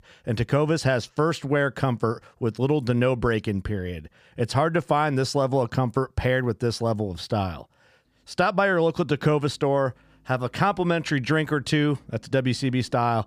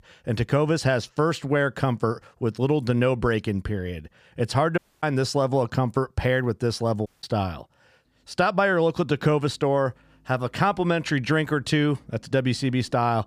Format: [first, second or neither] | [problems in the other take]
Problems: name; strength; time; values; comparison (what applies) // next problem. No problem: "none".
first | audio cutting out; at 5 s and at 7 s